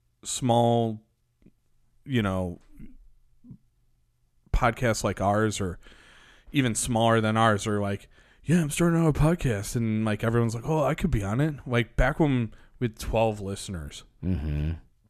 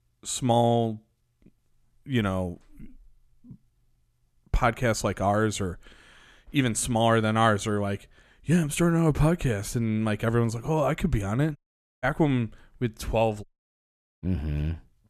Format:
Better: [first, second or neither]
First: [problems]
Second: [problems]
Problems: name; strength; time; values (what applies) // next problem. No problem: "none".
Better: first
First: none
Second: audio cutting out; at 12 s and at 13 s for 1 s